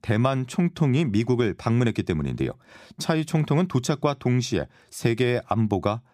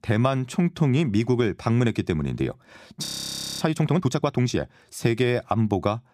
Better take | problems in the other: first | audio freezing; at 3 s for 0.5 s

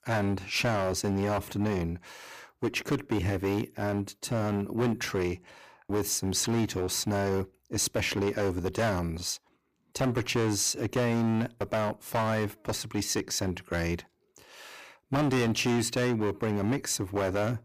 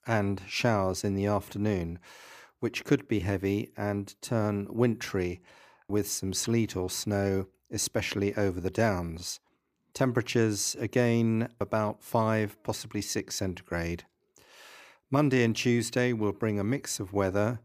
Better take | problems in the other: second | distortion; heavy; 11% of the sound clipped

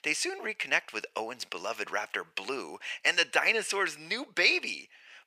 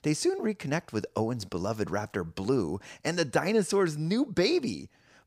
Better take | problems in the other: second | thin; very; fading below 650 Hz

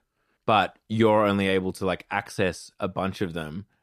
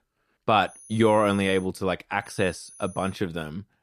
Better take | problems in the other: first | high-pitched whine; faint; at 0.5 s and at 2.5 s; 10.5 kHz, 20 dB below the speech

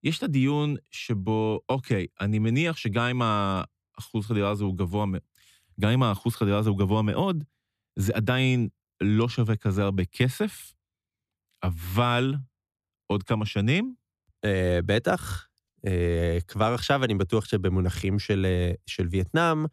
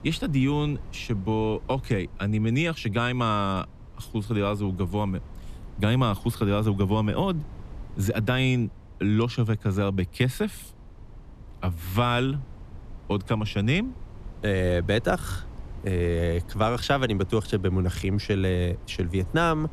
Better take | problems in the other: first | wind noise on the microphone; occasional gusts; 25 dB below the speech

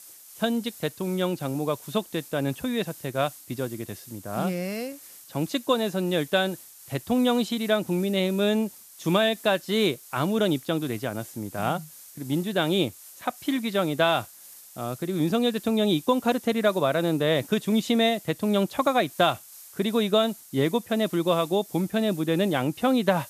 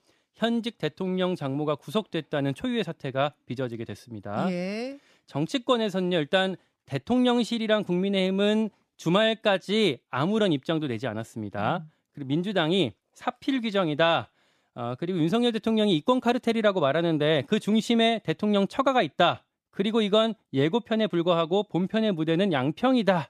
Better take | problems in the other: second | hiss; noticeable; throughout; 20 dB below the speech

